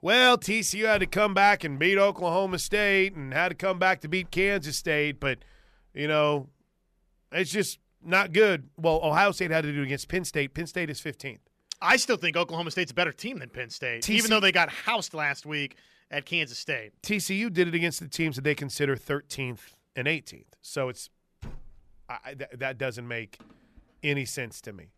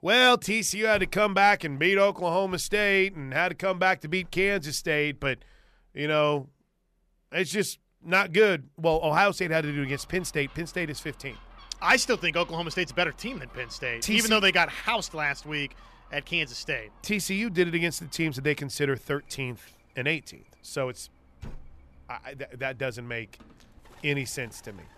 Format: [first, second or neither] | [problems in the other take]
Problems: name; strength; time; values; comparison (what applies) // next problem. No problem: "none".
first | animal sounds; faint; from 9.5 s on; 25 dB below the speech